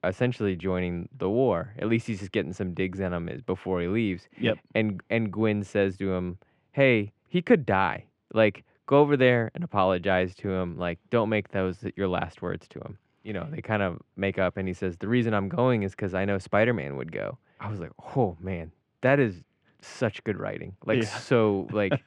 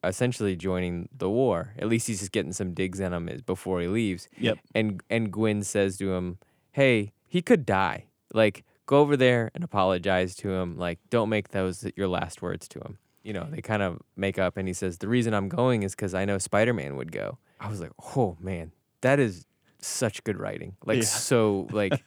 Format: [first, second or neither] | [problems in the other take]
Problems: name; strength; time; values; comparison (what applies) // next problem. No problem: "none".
second | muffled; slightly; fading above 2.5 kHz